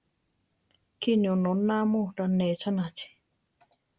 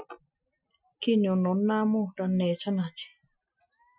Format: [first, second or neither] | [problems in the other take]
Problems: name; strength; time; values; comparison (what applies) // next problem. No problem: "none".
first | noise reduction (classical method Wiener filter)